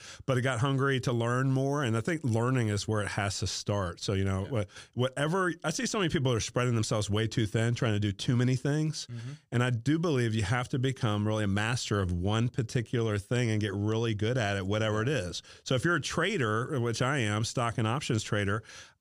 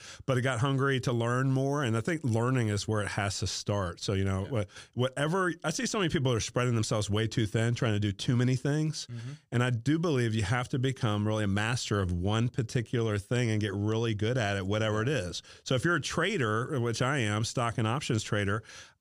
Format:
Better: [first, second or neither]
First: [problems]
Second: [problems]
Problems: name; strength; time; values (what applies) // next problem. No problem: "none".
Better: neither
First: none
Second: none